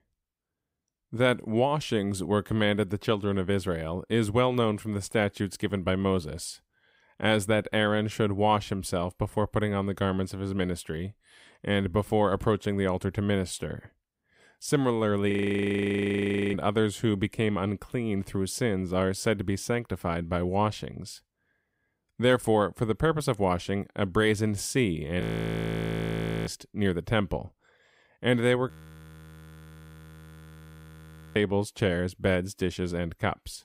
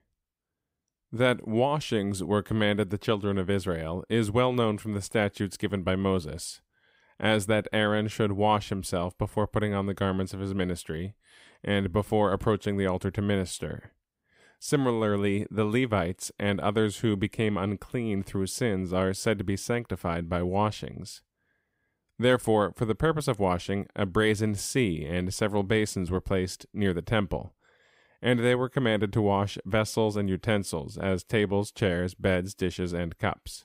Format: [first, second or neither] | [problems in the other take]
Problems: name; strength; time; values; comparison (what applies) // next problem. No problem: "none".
second | audio freezing; at 15 s for 1 s, at 25 s for 1.5 s and at 29 s for 2.5 s